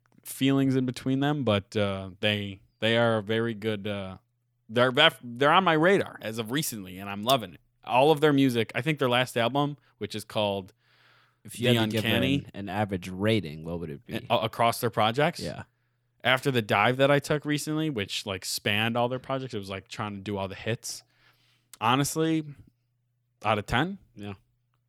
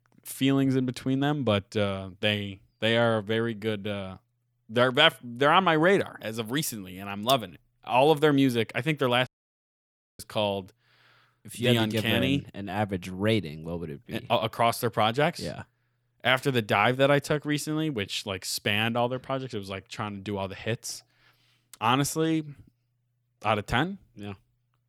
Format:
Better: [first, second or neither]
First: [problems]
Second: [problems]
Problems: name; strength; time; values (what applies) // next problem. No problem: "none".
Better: first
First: none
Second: audio cutting out; at 9.5 s for 1 s